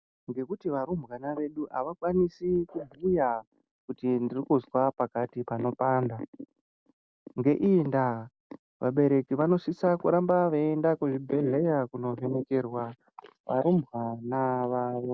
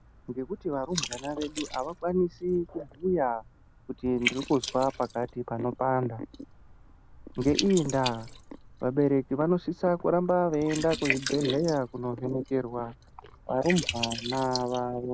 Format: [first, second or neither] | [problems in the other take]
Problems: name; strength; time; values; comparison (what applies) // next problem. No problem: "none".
first | background sound (Liquid); 11 dB below the speech